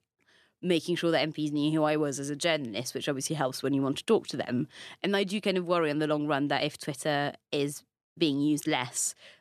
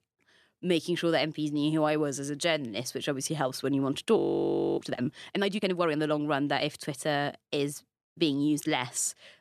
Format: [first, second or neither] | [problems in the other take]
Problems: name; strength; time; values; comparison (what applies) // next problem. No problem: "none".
first | audio freezing; at 4 s for 0.5 s